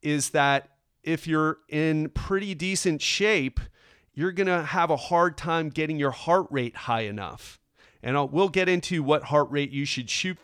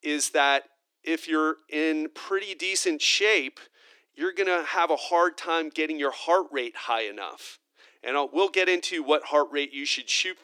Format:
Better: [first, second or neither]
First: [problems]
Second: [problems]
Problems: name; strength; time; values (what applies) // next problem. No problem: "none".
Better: first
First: none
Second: thin; somewhat; fading below 300 Hz